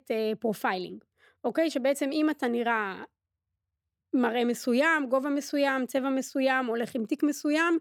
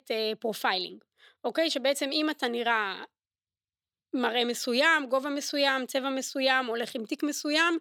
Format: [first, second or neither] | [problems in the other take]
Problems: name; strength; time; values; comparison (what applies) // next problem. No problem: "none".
first | thin; very slightly; fading below 950 Hz